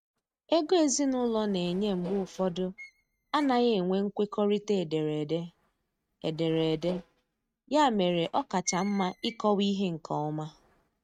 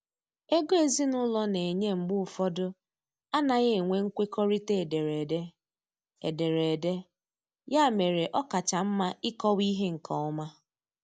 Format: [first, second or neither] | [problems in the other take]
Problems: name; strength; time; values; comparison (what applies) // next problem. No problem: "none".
second | noise reduction (neural mask model RNNoise)